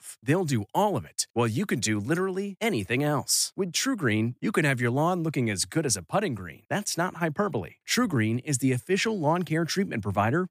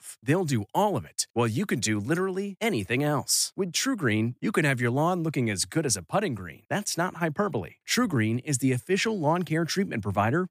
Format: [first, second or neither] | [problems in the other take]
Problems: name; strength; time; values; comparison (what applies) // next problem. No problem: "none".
neither | none